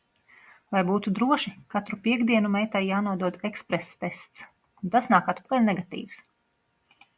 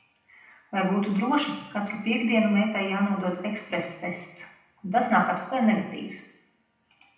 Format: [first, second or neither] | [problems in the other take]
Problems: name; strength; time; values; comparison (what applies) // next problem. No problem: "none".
first | room echo; dies away in 0.8 s